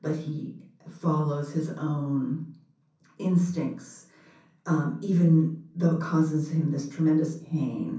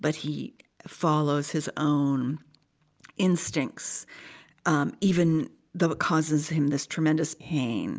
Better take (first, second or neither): second